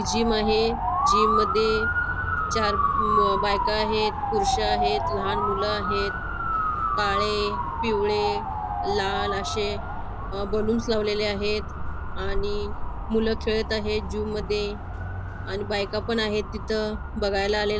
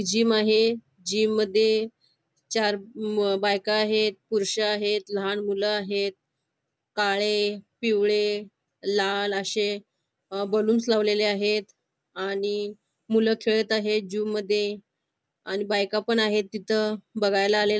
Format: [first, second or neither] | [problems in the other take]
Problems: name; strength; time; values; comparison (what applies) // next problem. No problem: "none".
second | background sound (Motor vehicle (road) / Siren); as loud as the speech